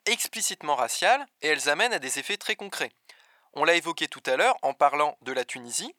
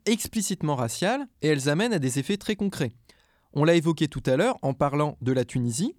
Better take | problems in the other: second | thin; very; fading below 750 Hz

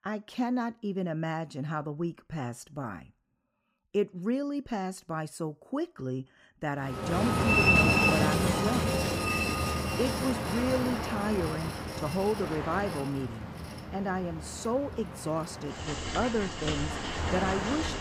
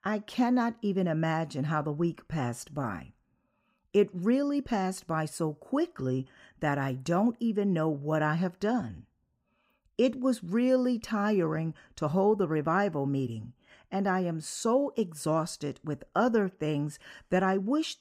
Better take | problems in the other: second | train or aircraft noise; very loud; from 7 s on; 4 dB above the speech

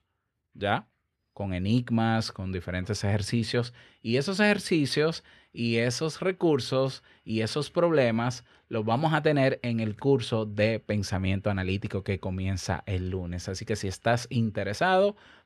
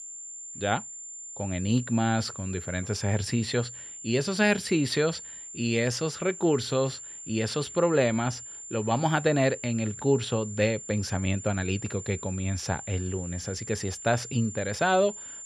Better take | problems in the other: first | high-pitched whine; noticeable; throughout; 7 kHz, 10 dB below the speech

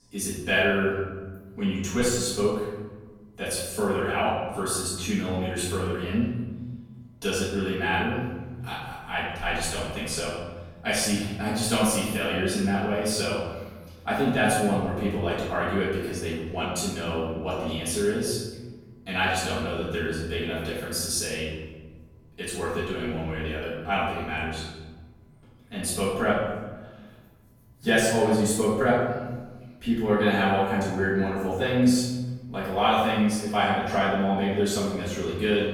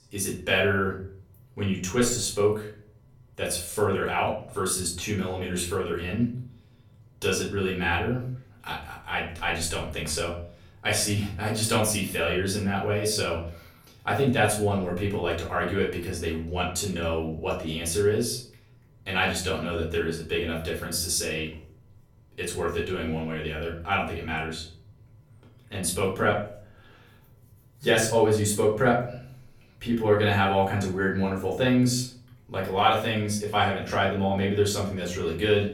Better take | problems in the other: second | room echo; strong; dies away in 1.3 s; slight in the second // off-mic speech; far; far in the second

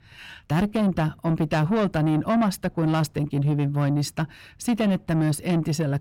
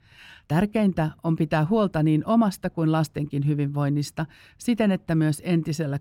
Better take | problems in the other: second | distortion; slight; 10 dB below the speech

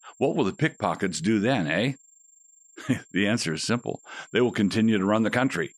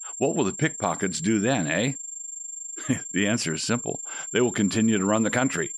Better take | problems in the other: first | high-pitched whine; loud; throughout; 7.5 kHz, 8 dB below the speech; faint in the first

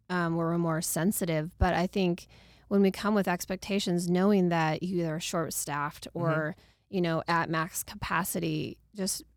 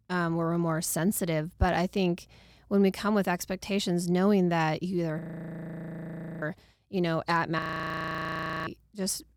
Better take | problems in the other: first | audio freezing; at 5 s for 1 s and at 7.5 s for 1 s

